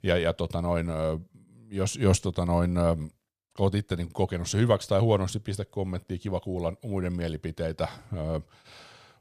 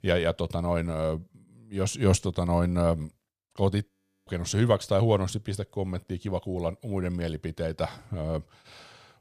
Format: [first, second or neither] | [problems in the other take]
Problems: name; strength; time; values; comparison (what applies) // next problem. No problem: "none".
first | audio freezing; at 4 s